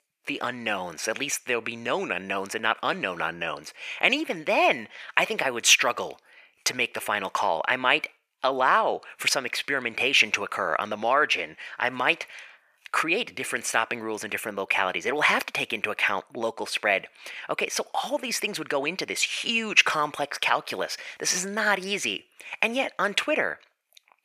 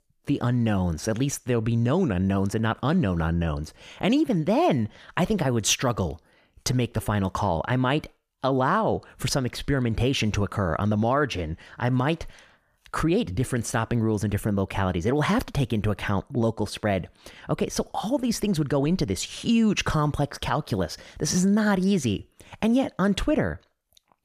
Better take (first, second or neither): second